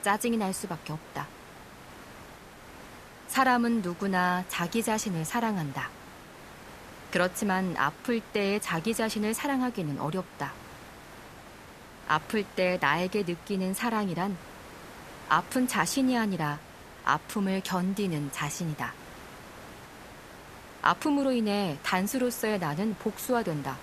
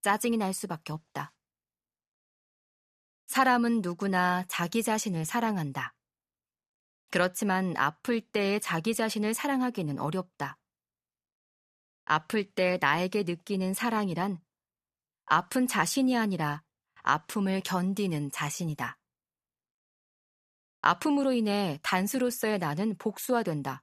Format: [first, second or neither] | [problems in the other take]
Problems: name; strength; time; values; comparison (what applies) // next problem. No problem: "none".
second | hiss; noticeable; throughout; 20 dB below the speech